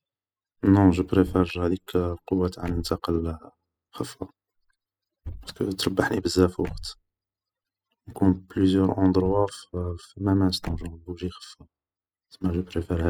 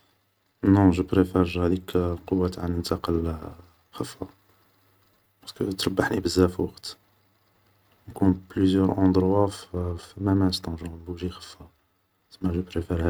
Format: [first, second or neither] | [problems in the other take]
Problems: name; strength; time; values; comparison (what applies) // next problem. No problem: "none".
second | noise reduction (classical method spectral subtraction)